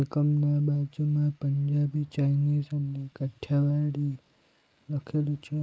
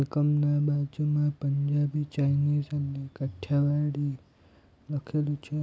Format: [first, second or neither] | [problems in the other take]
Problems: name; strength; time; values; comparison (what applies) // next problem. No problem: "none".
second | noise reduction (neural mask model Resemble Enhance denoiser)